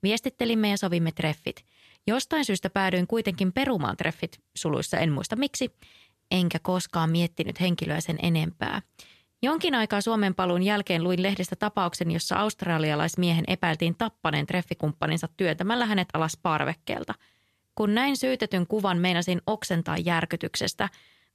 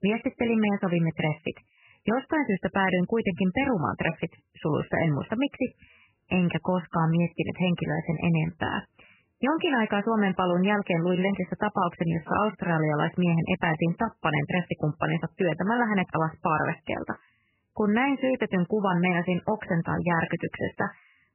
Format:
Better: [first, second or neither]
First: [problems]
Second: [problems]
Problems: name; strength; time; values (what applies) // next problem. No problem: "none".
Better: first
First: none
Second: garbled, watery; badly; nothing above 3 kHz